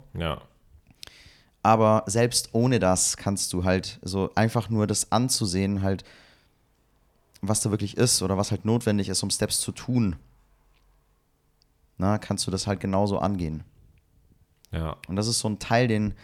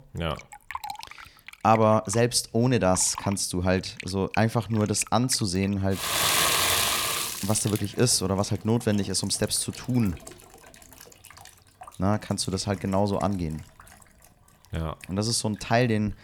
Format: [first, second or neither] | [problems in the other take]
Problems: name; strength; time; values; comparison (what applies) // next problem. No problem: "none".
first | household noises; loud; throughout; 2 dB below the speech